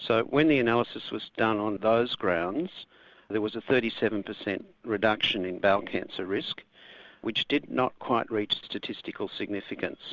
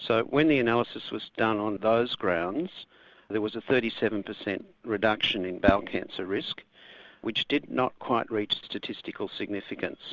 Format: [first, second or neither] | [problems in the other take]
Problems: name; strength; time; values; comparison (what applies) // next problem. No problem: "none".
first | background sound (Whoosh, swoosh, swish); 7 dB below the speech